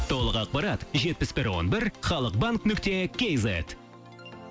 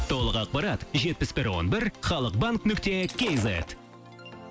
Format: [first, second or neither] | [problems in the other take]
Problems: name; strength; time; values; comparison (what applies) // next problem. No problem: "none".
first | background sound (Shatter); 14 dB below the speech